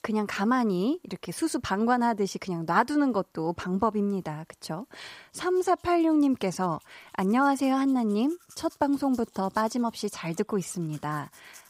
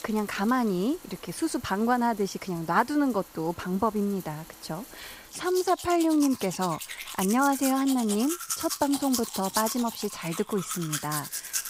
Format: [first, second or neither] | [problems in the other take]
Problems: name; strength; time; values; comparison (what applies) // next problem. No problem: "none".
first | household noises; loud; throughout; 7 dB below the speech; faint in the first